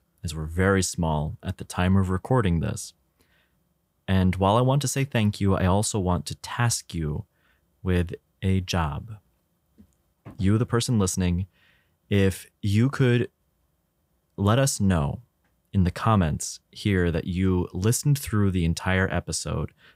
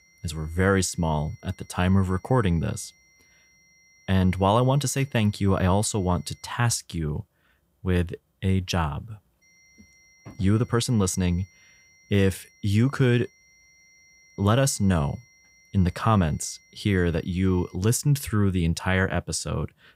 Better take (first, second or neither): first